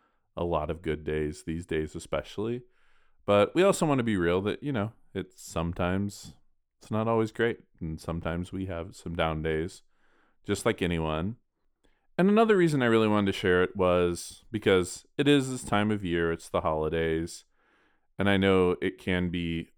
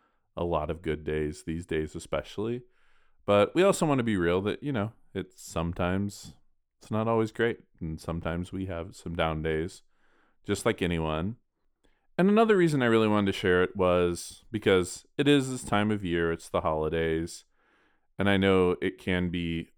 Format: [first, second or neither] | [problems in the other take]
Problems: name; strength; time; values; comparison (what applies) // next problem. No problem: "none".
neither | none